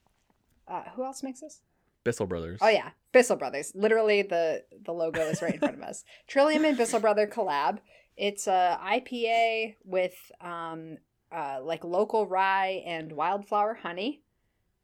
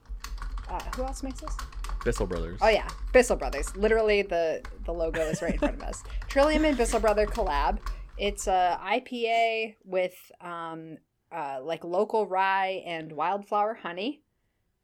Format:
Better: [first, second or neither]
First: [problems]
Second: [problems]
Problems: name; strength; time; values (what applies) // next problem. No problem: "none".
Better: first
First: none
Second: keyboard typing; noticeable; until 9 s; peak 9 dB below the speech